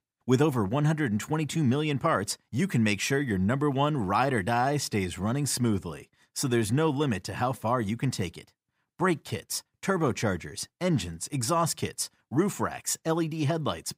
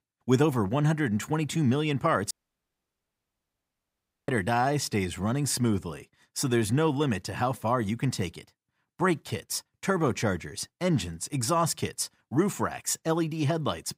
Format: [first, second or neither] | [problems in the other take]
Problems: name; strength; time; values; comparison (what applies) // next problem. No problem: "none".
first | audio cutting out; at 2.5 s for 2 s